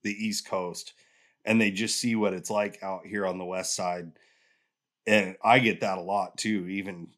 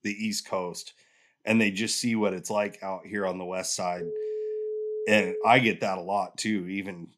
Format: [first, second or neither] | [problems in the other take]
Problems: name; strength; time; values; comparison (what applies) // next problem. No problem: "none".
first | phone ringing; noticeable; from 4 to 5.5 s; peak 5 dB below the speech